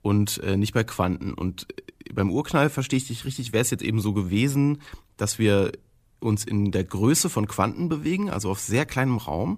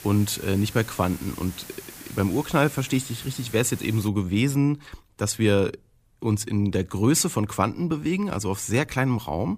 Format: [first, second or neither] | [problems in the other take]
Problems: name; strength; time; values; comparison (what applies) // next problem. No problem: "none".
first | hiss; noticeable; until 4 s; 15 dB below the speech